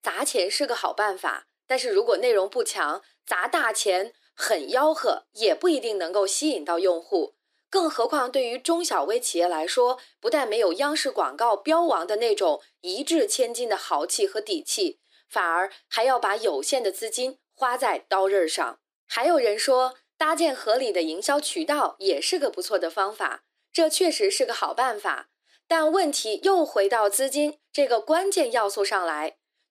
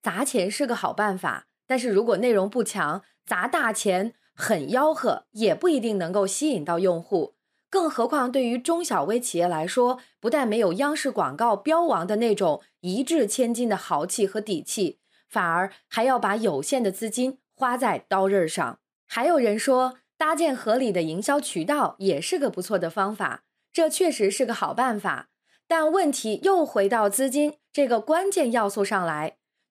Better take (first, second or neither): second